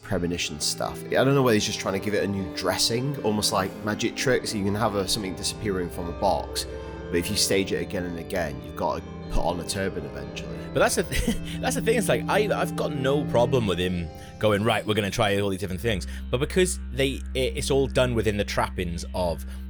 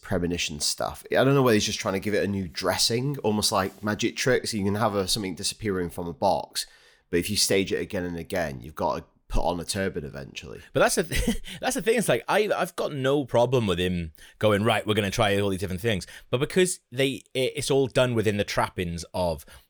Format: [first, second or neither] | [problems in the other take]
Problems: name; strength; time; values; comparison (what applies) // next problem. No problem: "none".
second | background music; noticeable; throughout; 10 dB below the speech